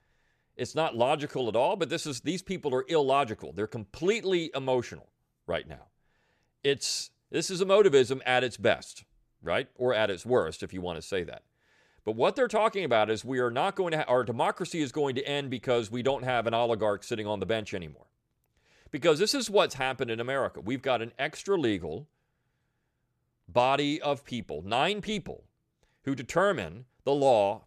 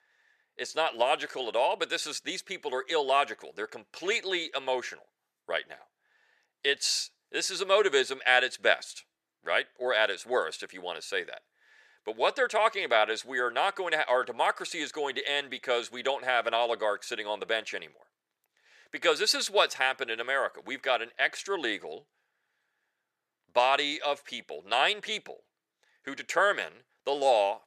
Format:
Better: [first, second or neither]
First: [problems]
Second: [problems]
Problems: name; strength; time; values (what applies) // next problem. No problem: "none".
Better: first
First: none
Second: thin; somewhat; fading below 550 Hz